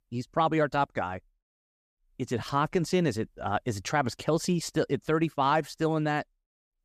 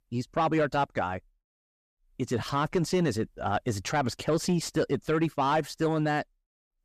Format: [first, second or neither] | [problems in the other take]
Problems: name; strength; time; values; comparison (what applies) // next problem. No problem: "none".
first | distortion; slight; 10 dB below the speech